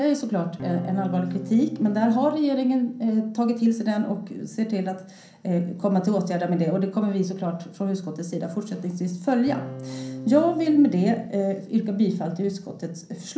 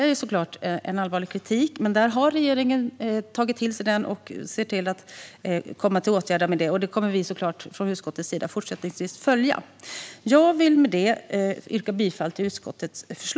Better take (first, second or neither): second